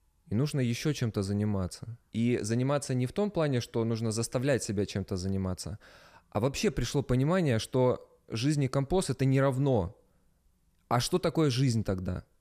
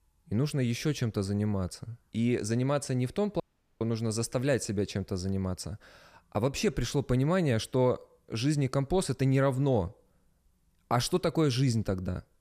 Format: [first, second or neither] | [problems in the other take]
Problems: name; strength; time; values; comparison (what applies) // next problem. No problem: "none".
first | audio cutting out; at 3.5 s